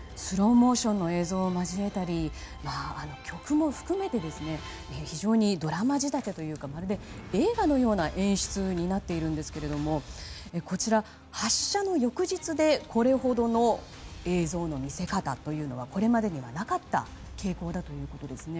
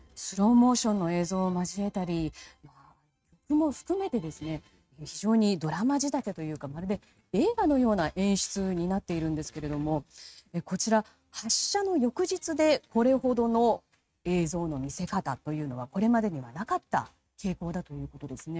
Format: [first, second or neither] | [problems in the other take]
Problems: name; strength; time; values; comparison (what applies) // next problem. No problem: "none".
first | noise reduction (neural mask model RNNoise)